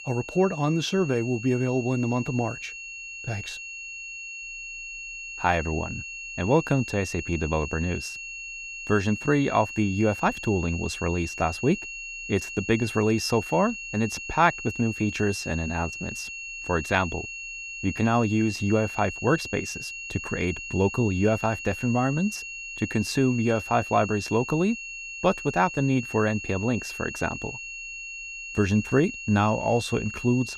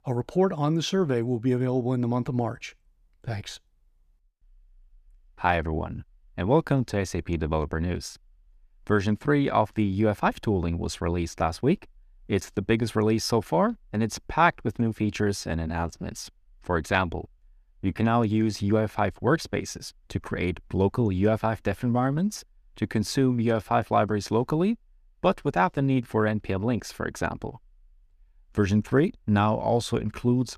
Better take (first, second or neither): second